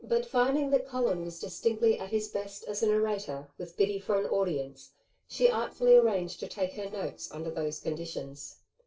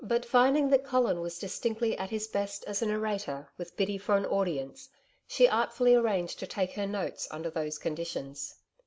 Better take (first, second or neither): second